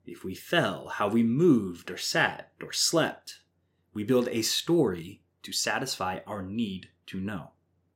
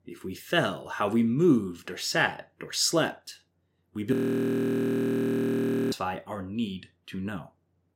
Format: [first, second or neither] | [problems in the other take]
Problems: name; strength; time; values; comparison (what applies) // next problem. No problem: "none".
first | audio freezing; at 4 s for 2 s